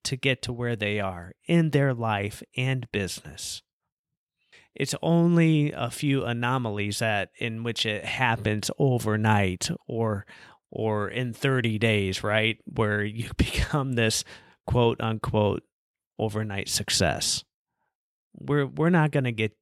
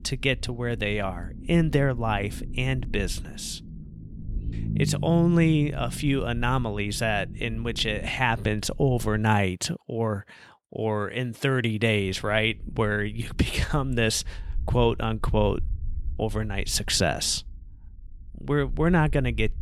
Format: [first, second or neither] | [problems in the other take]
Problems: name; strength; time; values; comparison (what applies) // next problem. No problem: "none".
first | low rumble; faint; until 9 s and from 12 s on; 20 dB below the speech